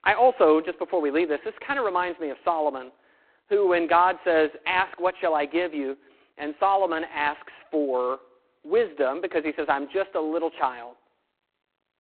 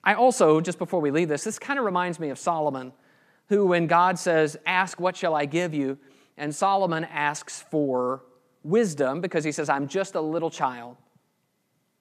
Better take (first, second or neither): second